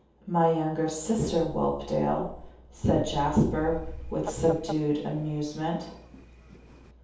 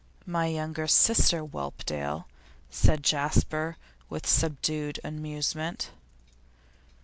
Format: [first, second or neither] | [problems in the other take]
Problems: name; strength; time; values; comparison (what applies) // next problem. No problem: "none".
second | background sound (Fowl); 16 dB below the speech // room echo; dies away in 0.7 s